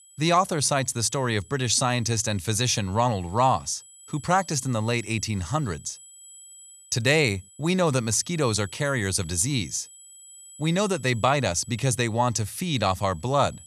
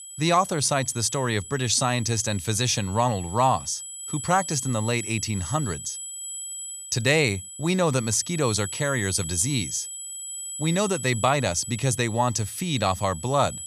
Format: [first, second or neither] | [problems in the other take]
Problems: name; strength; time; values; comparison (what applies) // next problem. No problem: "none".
first | high-pitched whine; loud; throughout; 8 kHz, 10 dB below the speech; faint in the first